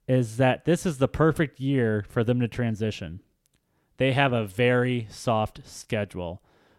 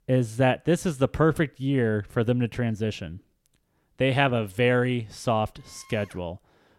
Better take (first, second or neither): first